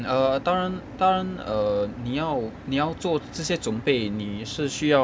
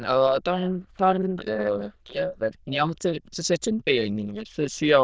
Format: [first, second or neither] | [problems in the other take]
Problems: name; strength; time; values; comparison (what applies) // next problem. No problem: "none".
first | noise reduction (neural diffusion model UNIVERSE++)